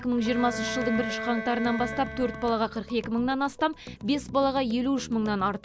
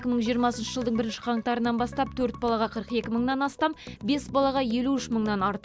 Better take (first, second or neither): second